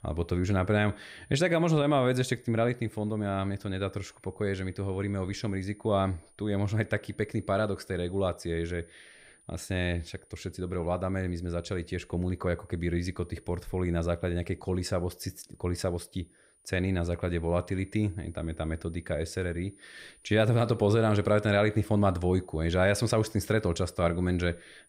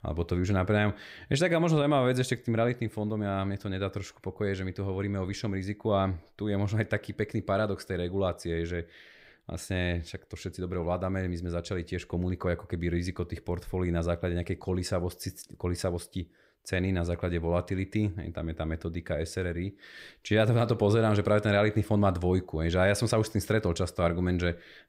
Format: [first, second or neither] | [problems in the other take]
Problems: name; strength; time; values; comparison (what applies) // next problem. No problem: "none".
second | high-pitched whine; faint; throughout; 9.5 kHz, 30 dB below the speech